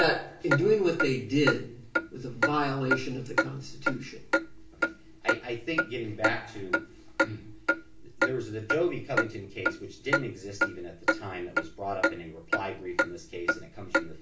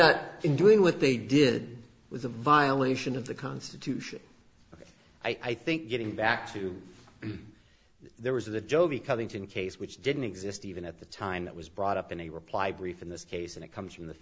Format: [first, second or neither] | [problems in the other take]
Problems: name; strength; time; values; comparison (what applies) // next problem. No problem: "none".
second | background sound (Clock); as loud as the speech // room echo; dies away in 0.3 s